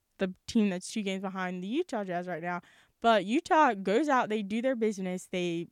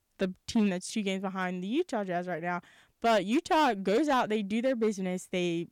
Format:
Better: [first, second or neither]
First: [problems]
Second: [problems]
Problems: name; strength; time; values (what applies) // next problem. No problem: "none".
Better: first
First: none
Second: distortion; slight; 5% of the sound clipped